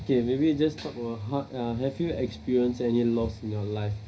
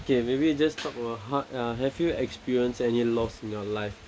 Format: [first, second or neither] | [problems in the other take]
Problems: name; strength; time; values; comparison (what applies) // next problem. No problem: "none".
second | room echo; dies away in 0.5 s